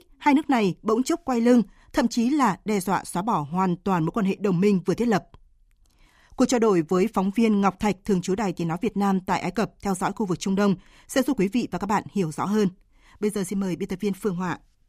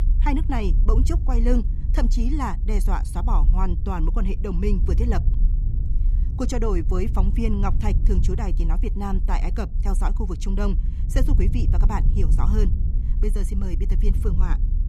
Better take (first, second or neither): first